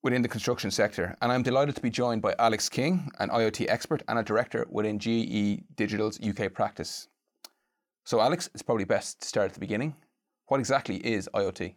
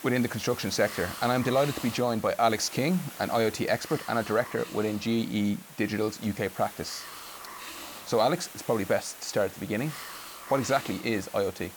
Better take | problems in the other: first | hiss; noticeable; throughout; 15 dB below the speech

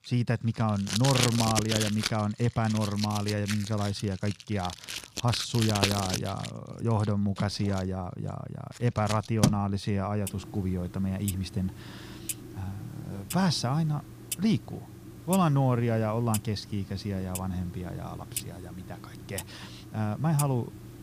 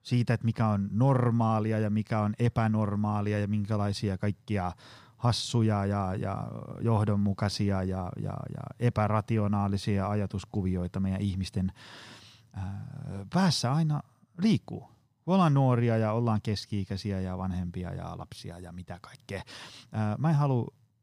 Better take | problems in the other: second | household noises; loud; throughout; 6 dB below the speech

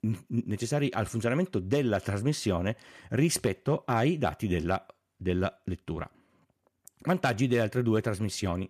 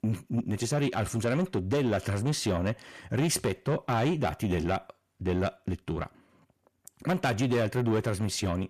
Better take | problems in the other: first | distortion; slight; 10 dB below the speech

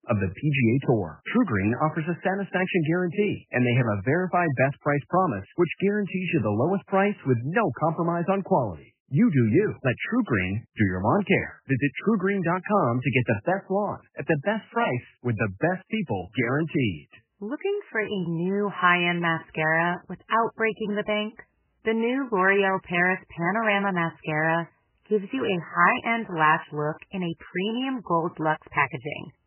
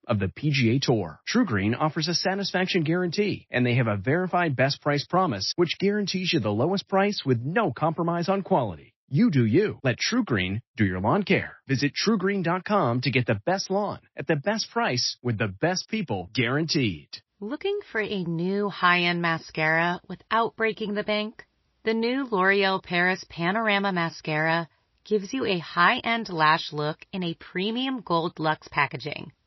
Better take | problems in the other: second | garbled, watery; badly; nothing above 3 kHz; slightly in the second

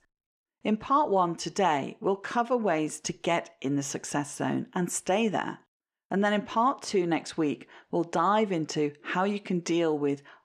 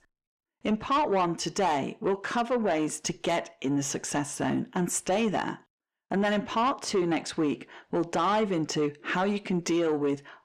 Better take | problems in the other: first | distortion; slight; 10 dB below the speech

